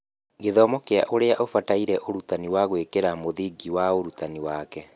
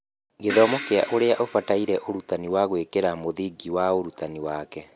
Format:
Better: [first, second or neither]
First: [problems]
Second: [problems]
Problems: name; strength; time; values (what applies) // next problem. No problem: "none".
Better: first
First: none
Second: background sound (Crash cymbal); 12 dB below the speech